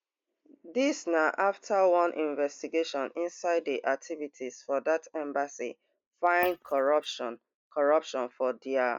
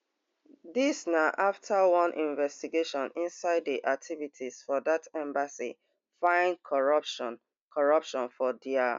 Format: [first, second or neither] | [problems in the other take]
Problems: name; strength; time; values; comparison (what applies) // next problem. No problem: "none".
second | noise reduction (neural mask model Resemble Enhance denoiser)